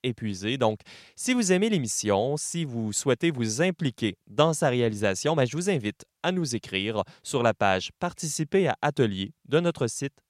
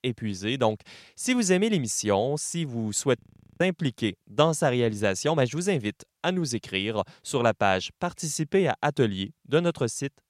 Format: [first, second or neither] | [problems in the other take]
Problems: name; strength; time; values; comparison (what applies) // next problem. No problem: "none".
first | audio freezing; at 3 s